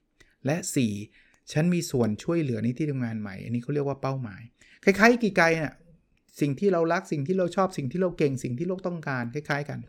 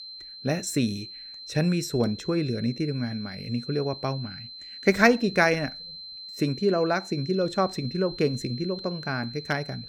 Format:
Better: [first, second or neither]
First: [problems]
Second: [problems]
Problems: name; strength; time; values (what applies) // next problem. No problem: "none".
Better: first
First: none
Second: high-pitched whine; noticeable; throughout; 4 kHz, 10 dB below the speech